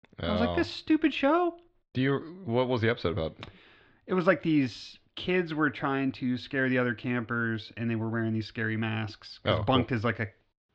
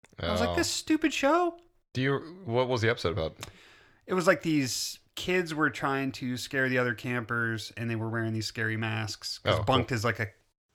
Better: second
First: muffled; slightly; fading above 3.5 kHz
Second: none

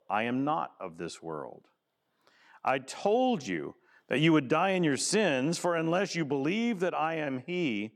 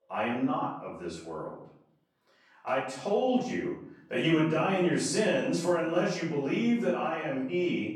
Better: first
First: none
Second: off-mic speech; far // room echo; noticeable; dies away in 0.6 s

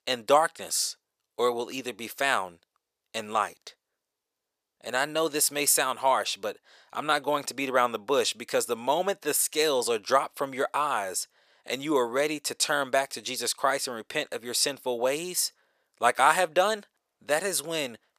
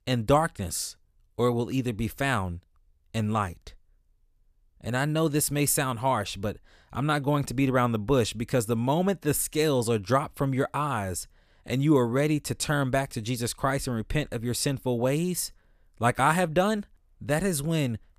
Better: second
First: thin; very; fading below 550 Hz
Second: none

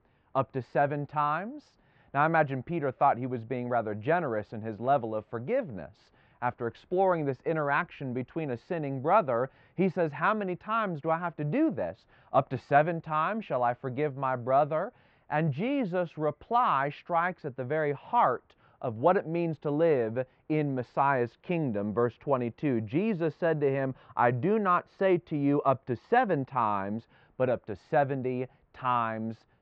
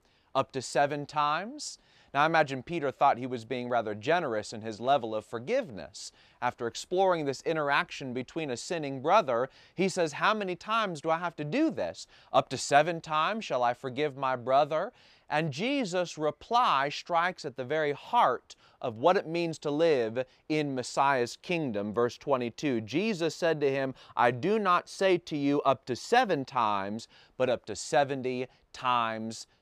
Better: second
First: muffled; very; fading above 2 kHz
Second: none

